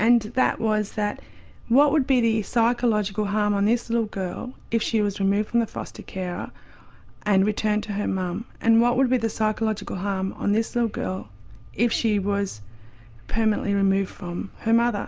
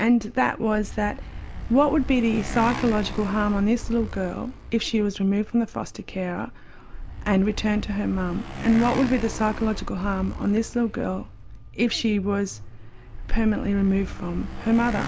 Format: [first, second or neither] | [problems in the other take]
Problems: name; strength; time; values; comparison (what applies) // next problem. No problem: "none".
first | background sound (Motorcycle); 11 dB below the speech